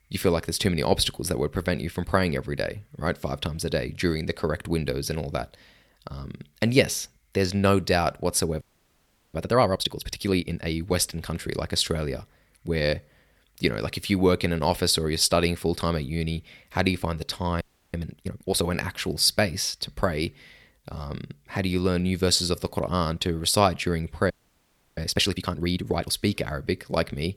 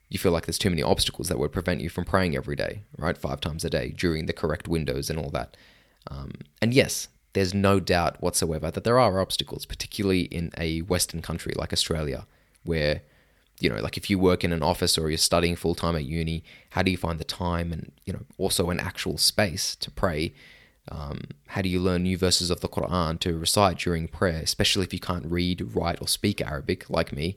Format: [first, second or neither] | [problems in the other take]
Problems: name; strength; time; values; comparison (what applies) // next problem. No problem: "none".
second | audio freezing; at 8.5 s for 0.5 s, at 18 s and at 24 s for 0.5 s